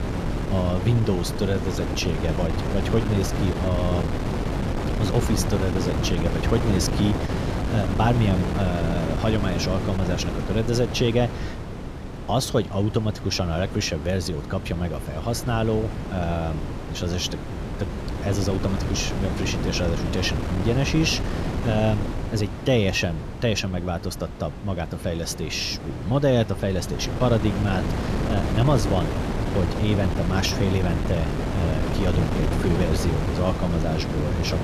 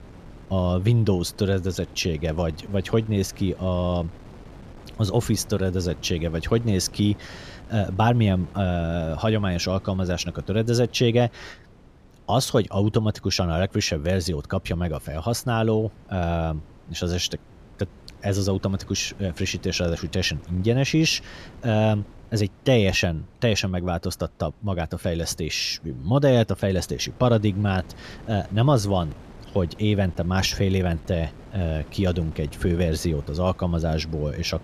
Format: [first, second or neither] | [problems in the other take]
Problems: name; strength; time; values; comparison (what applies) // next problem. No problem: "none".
second | wind noise on the microphone; heavy; 4 dB below the speech; occasional gusts in the second